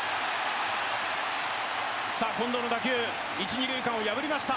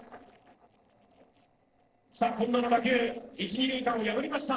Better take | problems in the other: first | noise reduction (neural separator model SepFormer DNS4)

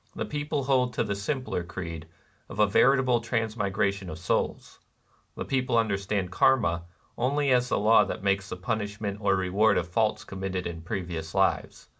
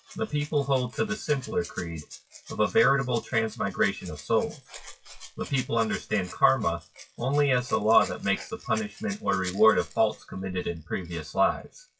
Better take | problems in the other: first | noise reduction (classical method WPE with log-MMSE)

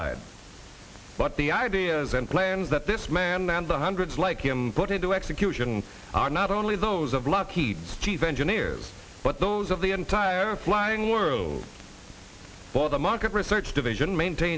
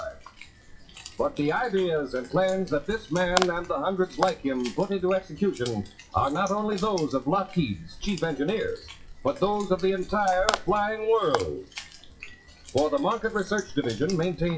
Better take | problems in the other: first | noise reduction (classical method WPE with log-MMSE)

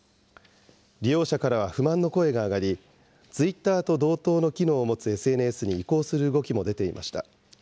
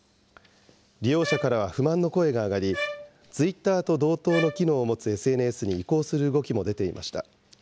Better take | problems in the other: first | background sound (Bowed string instrument); 11 dB below the speech

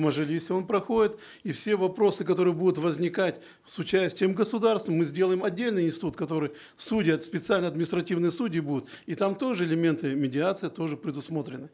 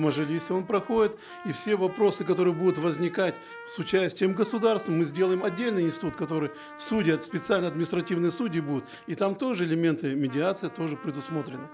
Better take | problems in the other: first | background sound (Trumpet); 18 dB below the speech

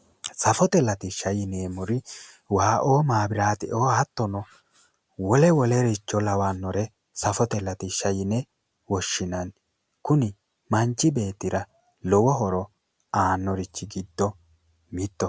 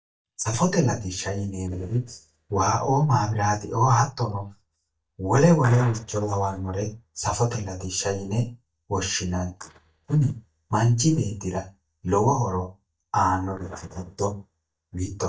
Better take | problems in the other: first | noise reduction (neural mask model DeepFilterNet 3)

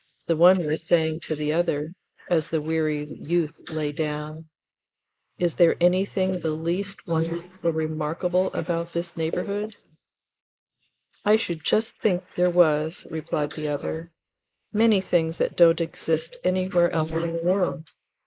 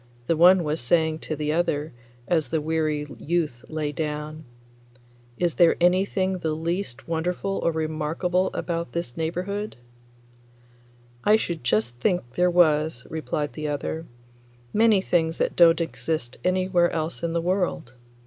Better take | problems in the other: second | noise reduction (neural mask model Resemble Enhance denoiser)

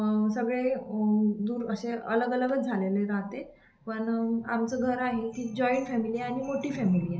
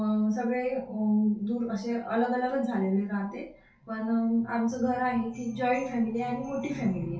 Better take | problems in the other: first | room echo; dies away in 0.2 s

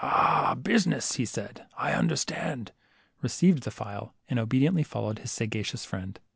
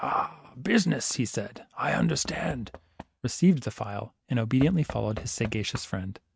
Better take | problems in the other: first | noise reduction (neural mask model RNNoise)

